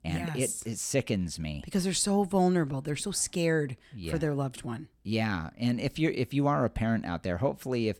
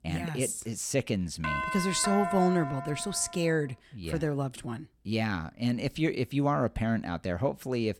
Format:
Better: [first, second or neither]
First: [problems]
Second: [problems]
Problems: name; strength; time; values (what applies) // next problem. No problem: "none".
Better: first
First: none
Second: doorbell; noticeable; from 1.5 to 3.5 s; peak 2 dB below the speech